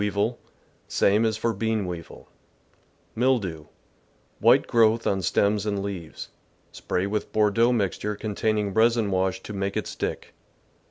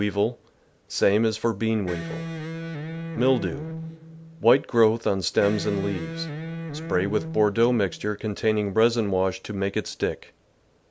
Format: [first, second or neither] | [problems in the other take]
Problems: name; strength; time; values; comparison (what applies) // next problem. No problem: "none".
first | background sound (Electric guitar); 8 dB below the speech